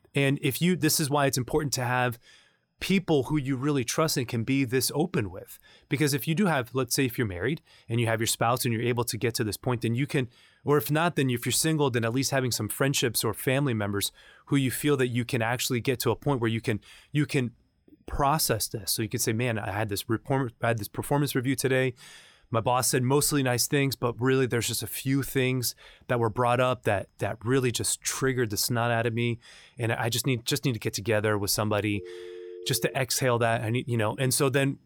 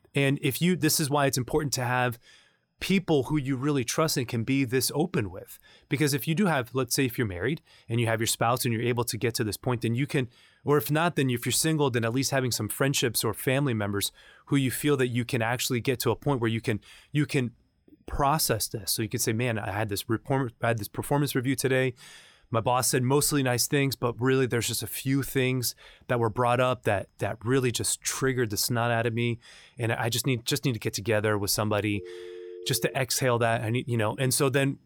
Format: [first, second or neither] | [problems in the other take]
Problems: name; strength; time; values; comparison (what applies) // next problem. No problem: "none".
neither | phone ringing; faint; at 32 s; peak 15 dB below the speech; the same in both